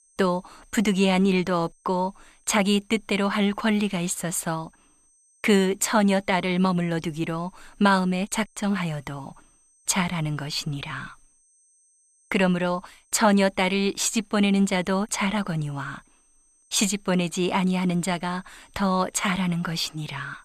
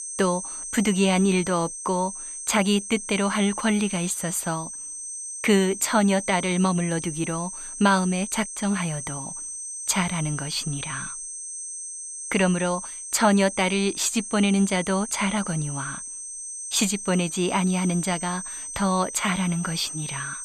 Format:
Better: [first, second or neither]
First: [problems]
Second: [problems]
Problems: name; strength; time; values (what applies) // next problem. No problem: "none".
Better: first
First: high-pitched whine; faint; throughout; 8.5 kHz, 35 dB below the speech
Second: high-pitched whine; loud; throughout; 8.5 kHz, 8 dB below the speech